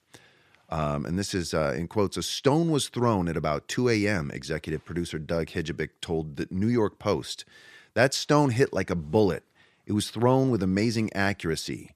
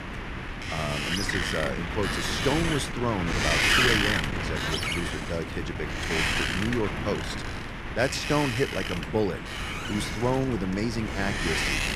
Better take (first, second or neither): first